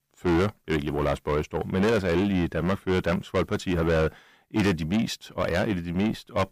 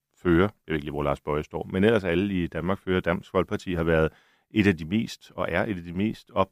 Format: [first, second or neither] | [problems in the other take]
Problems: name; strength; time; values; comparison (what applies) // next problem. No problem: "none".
second | distortion; heavy; 7 dB below the speech